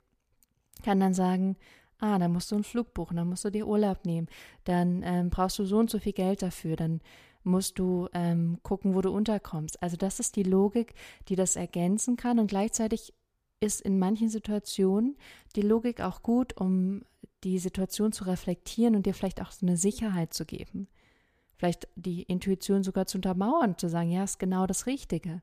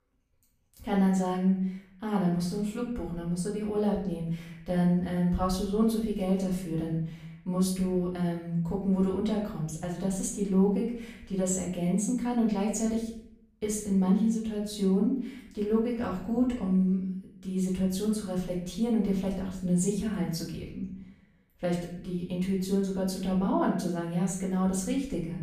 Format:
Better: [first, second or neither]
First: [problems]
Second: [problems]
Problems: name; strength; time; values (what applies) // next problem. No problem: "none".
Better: first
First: none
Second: room echo; noticeable; dies away in 0.7 s // off-mic speech; far